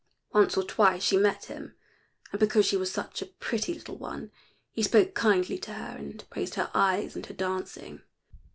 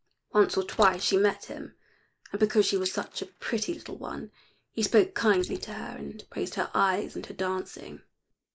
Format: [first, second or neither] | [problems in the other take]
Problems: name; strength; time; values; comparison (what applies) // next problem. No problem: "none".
first | noise reduction (neural mask model Resemble Enhance denoiser)